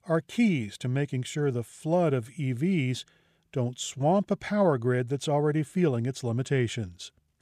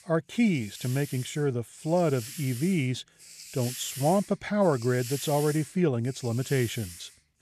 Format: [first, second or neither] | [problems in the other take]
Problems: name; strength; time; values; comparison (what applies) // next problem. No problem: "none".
first | hiss; noticeable; throughout; 15 dB below the speech